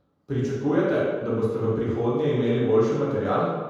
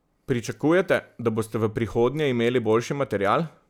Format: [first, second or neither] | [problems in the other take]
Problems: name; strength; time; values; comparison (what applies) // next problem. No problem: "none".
second | room echo; dies away in 1.2 s